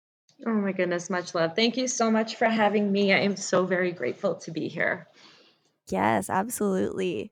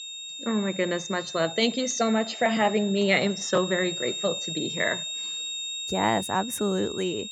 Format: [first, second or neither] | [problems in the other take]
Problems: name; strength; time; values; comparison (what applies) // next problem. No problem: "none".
first | high-pitched whine; loud; throughout; 3.5 kHz, 6 dB below the speech